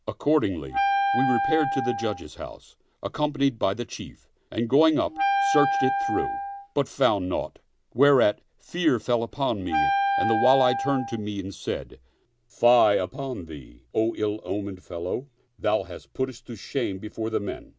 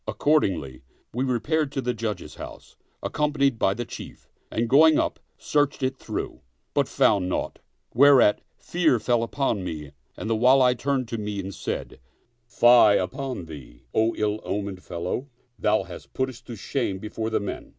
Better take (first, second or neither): second